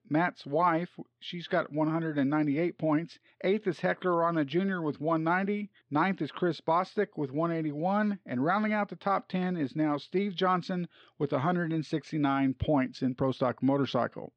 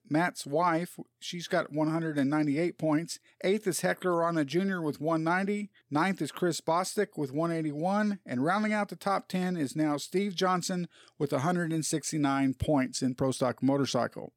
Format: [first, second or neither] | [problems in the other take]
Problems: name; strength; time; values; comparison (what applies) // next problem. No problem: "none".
second | muffled; slightly; fading above 3.5 kHz